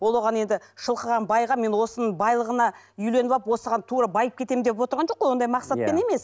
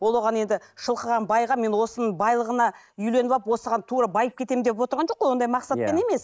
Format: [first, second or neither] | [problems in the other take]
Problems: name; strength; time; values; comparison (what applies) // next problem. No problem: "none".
first | noise reduction (neural mask model Resemble Enhance denoiser)